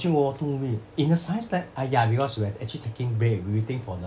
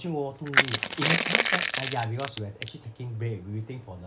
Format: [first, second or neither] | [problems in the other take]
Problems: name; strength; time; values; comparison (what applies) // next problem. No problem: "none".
first | background sound (Crushing); 5 dB above the speech